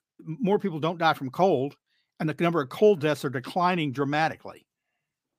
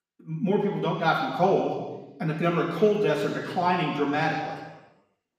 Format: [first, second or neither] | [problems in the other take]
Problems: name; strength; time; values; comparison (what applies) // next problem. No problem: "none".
first | room echo; noticeable; dies away in 1.3 s // off-mic speech; far